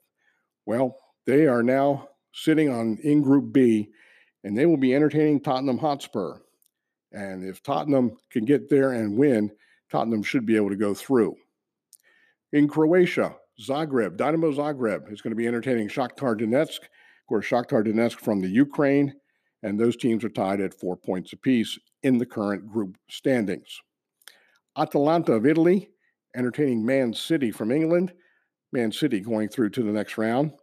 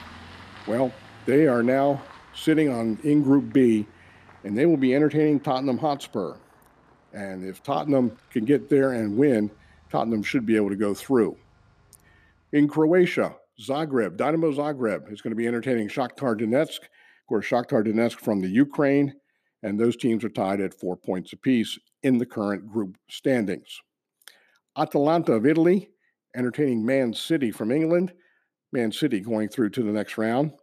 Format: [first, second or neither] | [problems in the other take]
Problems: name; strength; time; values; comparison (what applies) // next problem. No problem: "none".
first | traffic noise; faint; until 13 s; 25 dB below the speech